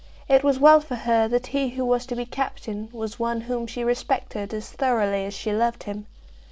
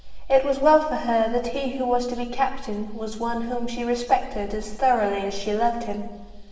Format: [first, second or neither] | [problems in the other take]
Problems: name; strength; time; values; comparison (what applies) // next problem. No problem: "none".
first | room echo; dies away in 1.2 s